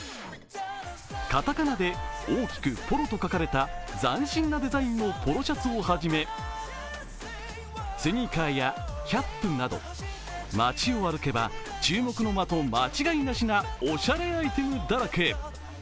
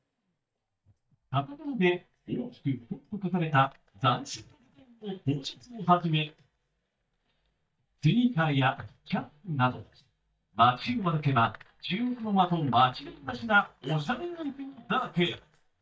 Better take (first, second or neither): first